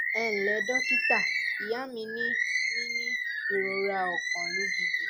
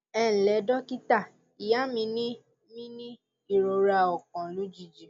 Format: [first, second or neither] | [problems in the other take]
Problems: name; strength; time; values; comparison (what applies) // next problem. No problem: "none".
second | background sound (Bird); 5 dB above the speech